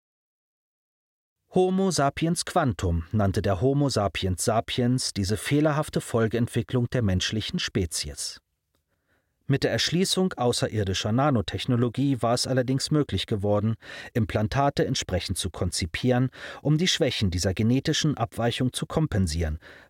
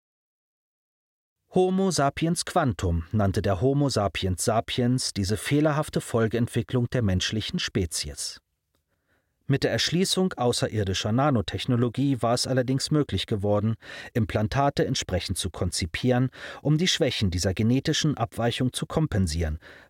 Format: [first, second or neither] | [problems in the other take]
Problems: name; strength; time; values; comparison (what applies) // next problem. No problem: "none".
neither | none